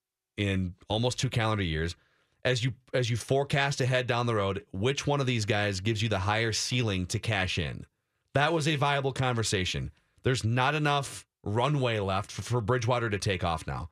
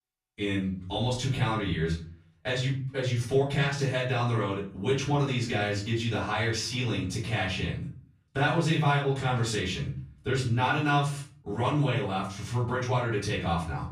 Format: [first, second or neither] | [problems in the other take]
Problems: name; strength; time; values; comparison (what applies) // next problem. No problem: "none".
first | off-mic speech; far // room echo; slight; dies away in 0.4 s